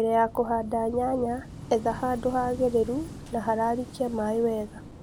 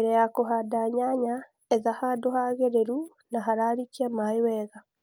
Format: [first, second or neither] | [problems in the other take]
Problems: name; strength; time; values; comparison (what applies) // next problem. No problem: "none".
second | background sound (Waves, surf / Wind); 14 dB below the speech